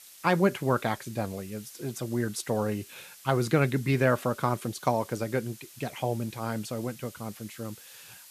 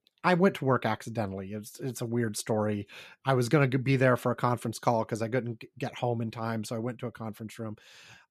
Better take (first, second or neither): second